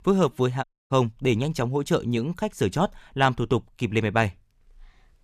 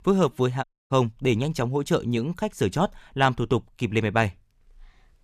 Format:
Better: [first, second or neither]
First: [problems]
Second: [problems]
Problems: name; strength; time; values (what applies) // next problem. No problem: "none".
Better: neither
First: audio cutting out; at 0.5 s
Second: audio cutting out; at 0.5 s